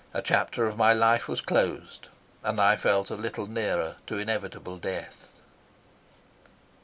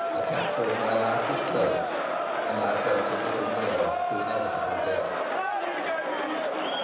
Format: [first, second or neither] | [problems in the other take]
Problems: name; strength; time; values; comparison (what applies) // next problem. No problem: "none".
first | background sound (Crowd); 3 dB above the speech // room echo; dies away in 1 s